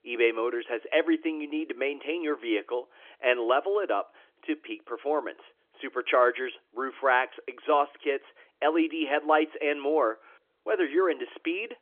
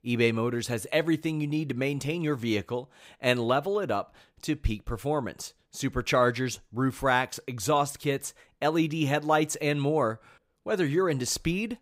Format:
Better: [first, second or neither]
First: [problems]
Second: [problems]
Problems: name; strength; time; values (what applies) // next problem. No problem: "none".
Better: second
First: phone-call audio; nothing above 3.5 kHz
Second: none